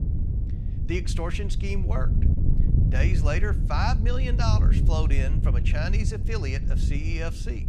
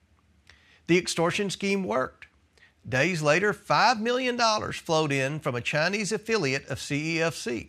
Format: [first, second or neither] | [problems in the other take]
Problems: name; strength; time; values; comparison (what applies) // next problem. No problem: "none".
second | wind noise on the microphone; heavy; 7 dB below the speech